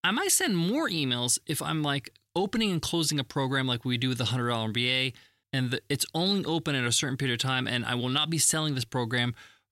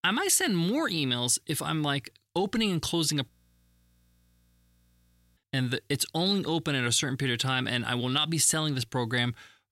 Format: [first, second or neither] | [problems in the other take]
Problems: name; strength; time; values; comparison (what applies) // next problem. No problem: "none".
first | audio freezing; at 3.5 s for 2 s